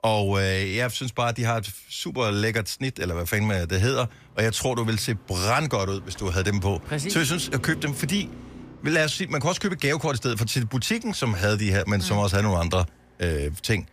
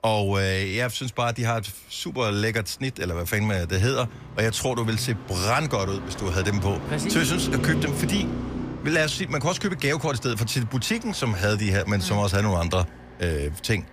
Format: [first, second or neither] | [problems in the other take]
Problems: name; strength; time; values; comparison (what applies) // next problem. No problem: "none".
first | traffic noise; loud; throughout; 9 dB below the speech; faint in the first